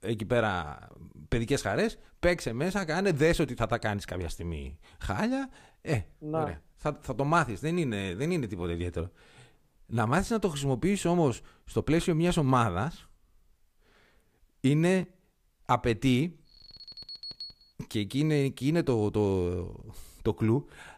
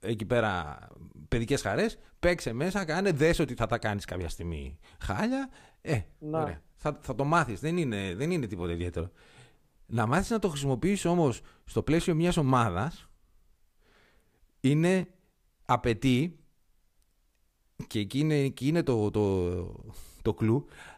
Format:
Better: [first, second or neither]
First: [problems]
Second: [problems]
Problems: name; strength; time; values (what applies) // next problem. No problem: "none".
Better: second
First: alarm; noticeable; from 17 to 18 s; peak 10 dB below the speech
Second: none